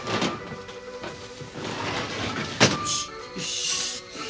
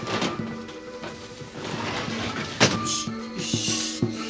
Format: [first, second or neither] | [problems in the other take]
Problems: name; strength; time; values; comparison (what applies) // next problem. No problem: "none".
first | background sound (Tambourine); 5 dB below the speech